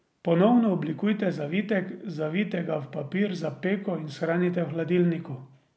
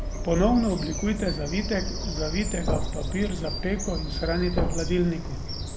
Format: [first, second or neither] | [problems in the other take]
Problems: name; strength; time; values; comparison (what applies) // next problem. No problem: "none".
first | background sound (Bird vocalization, bird call, bird song + Thump, thud); 2 dB below the speech